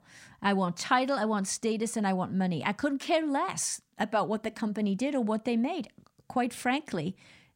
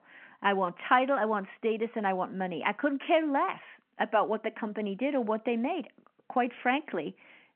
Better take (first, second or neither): first